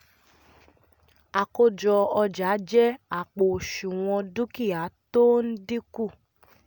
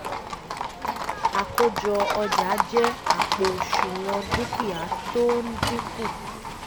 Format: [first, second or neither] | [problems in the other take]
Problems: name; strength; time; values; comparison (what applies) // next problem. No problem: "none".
first | background sound (Livestock, farm animals, working animals); 1 dB above the speech